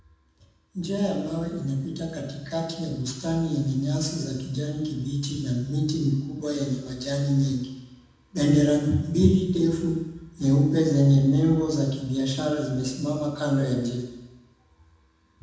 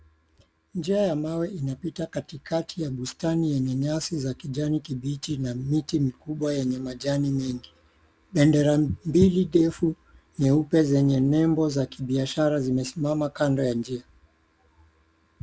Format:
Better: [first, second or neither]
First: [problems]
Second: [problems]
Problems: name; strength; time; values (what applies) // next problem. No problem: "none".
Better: second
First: room echo; dies away in 1 s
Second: none